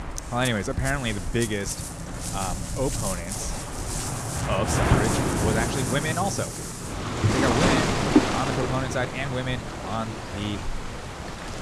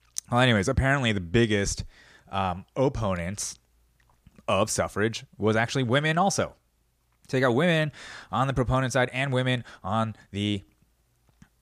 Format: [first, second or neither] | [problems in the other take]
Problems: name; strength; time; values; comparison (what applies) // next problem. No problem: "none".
second | rain or running water; very loud; throughout; 2 dB above the speech